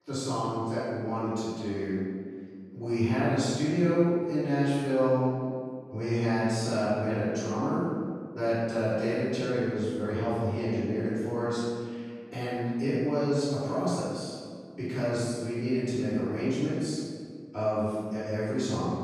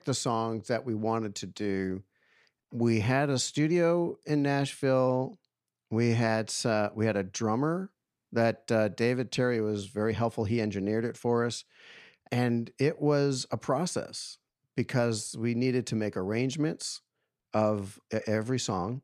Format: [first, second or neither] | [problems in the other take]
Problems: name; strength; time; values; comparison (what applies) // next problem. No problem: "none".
second | off-mic speech; far // room echo; strong; dies away in 1.8 s